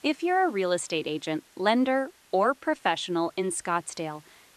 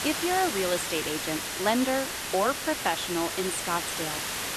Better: first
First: hiss; faint; throughout; 30 dB below the speech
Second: hiss; loud; throughout; 2 dB below the speech

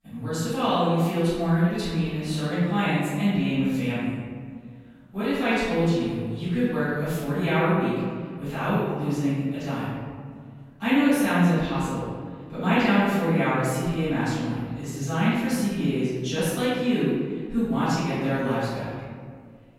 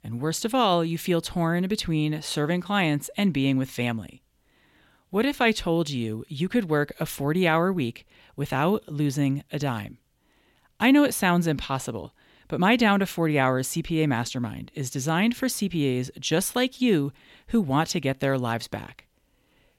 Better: second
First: off-mic speech; far // room echo; strong; dies away in 1.7 s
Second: none

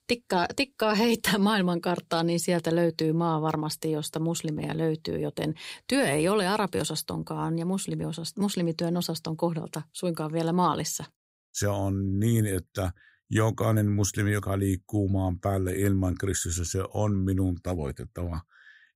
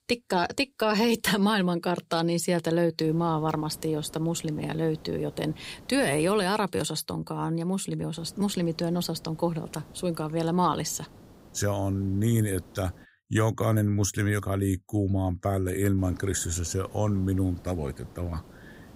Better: first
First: none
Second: hiss; faint; from 3 to 6.5 s, from 8 to 13 s and from 16 s on; 20 dB below the speech

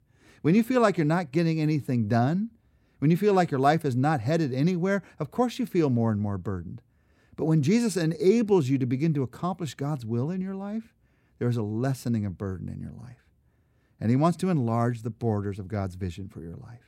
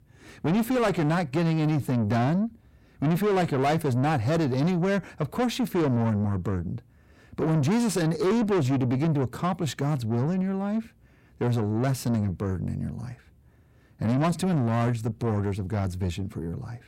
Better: first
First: none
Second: distortion; heavy; 7 dB below the speech

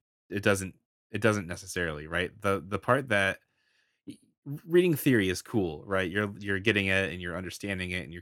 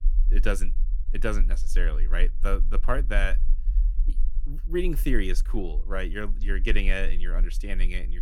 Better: first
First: none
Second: low rumble; faint; throughout; 25 dB below the speech

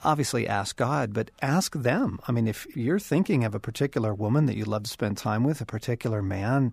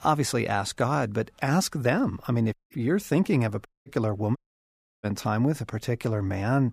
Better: first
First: none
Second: audio cutting out; at 2.5 s, at 3.5 s and at 4.5 s for 0.5 s

